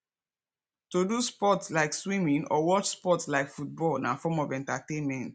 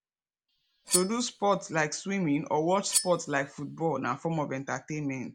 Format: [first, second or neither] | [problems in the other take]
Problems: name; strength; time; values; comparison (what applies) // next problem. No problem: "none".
first | background sound (Cutlery, silverware); 5 dB below the speech